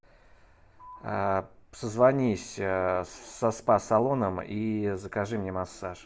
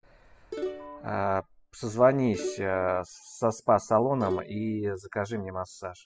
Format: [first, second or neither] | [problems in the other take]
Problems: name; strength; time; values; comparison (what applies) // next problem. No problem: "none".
first | noise reduction (classical method spectral subtraction)